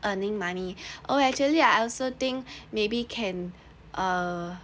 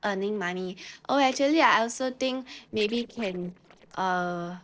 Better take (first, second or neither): first